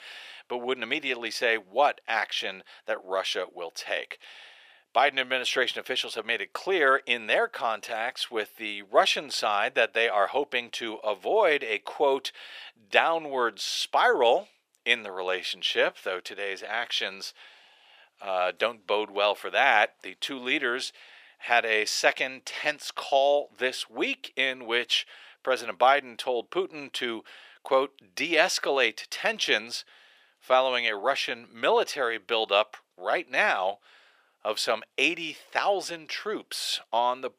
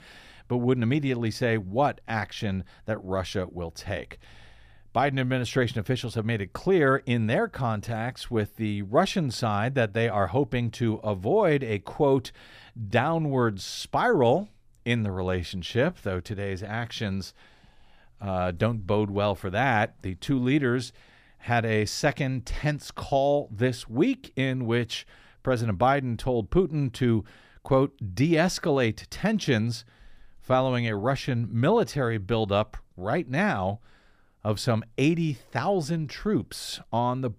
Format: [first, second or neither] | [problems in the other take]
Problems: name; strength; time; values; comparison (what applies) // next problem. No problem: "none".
second | thin; very; fading below 500 Hz